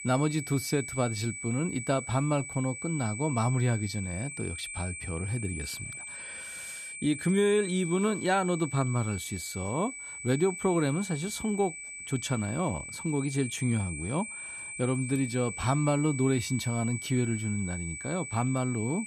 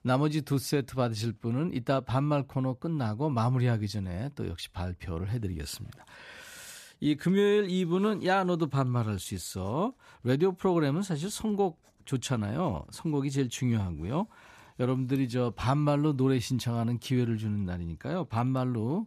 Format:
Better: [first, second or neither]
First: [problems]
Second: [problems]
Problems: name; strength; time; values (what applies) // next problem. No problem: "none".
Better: second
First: high-pitched whine; loud; throughout; 2.5 kHz, 8 dB below the speech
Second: none